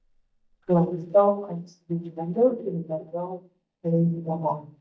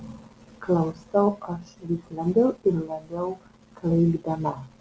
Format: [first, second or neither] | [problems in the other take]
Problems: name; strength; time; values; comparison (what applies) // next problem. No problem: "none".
second | noise reduction (neural mask model DeepFilterNet 3)